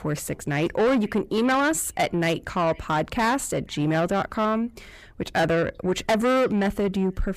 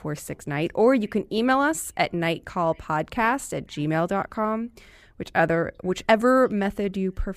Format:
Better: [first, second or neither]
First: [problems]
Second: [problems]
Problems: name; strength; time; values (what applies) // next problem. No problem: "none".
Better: second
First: distortion; heavy; 8 dB below the speech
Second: none